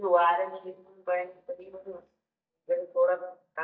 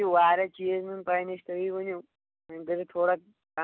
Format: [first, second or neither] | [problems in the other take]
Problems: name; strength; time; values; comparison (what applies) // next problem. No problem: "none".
second | noise reduction (neural mask model DeepFilterNet 3)